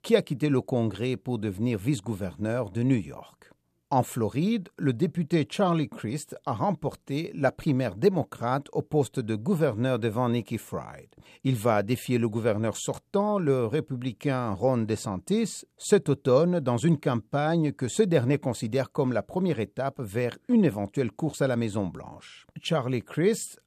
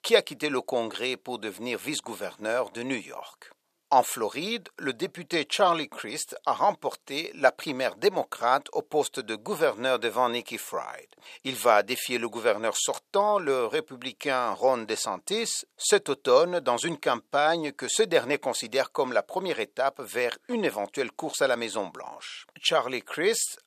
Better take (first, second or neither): first